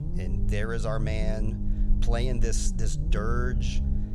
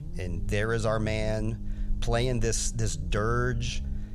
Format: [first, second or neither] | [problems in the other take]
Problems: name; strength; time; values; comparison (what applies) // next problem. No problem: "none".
second | low rumble; loud; throughout; 9 dB below the speech; faint in the second